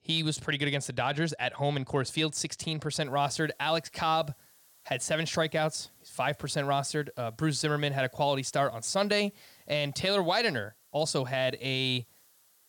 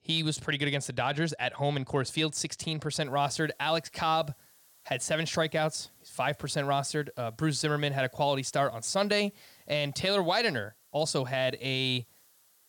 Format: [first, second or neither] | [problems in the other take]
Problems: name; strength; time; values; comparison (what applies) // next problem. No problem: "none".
neither | hiss; faint; from 3 s on; 30 dB below the speech; the same in both